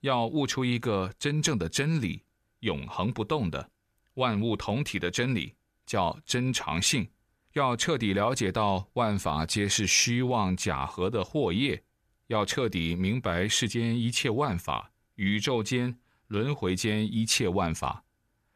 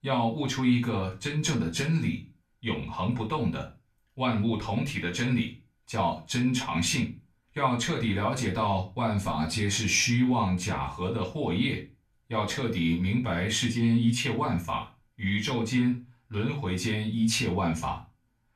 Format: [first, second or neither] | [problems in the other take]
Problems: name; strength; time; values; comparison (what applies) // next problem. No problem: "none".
first | off-mic speech; far // room echo; very slight; dies away in 0.2 s